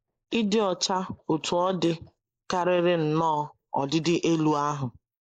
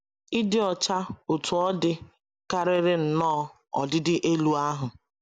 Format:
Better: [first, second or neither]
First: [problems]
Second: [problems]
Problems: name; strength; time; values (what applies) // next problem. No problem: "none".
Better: second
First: noise reduction (neural mask model Resemble Enhance denoiser)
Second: none